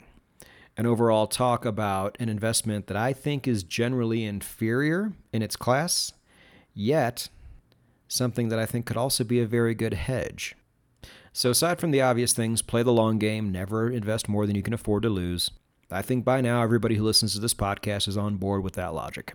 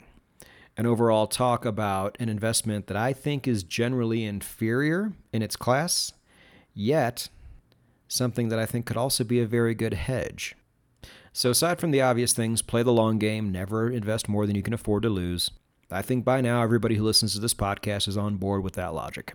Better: neither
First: none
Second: none

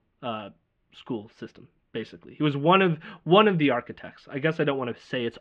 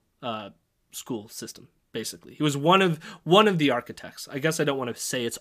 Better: second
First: muffled; very; fading above 3 kHz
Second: none

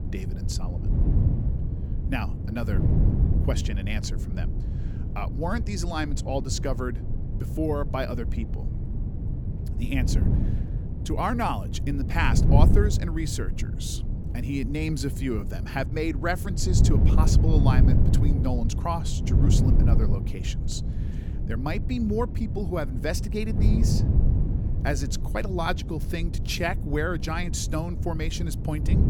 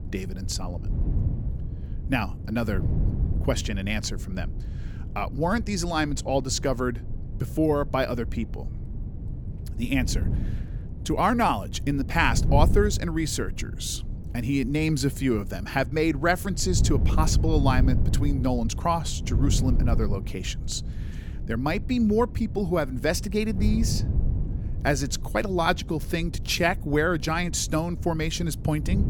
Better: second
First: wind noise on the microphone; heavy; 7 dB below the speech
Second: wind noise on the microphone; occasional gusts; 15 dB below the speech

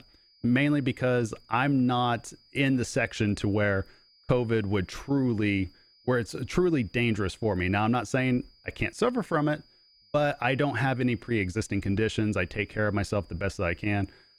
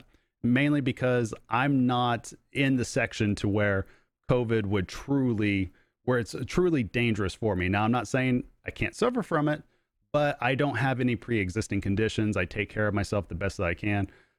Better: second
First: high-pitched whine; faint; throughout; 5 kHz, 30 dB below the speech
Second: none

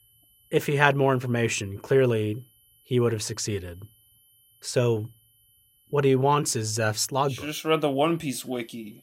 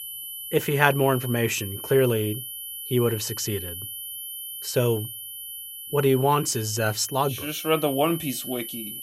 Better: first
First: high-pitched whine; faint; throughout; 12 kHz, 35 dB below the speech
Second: high-pitched whine; loud; throughout; 12 kHz, 9 dB below the speech

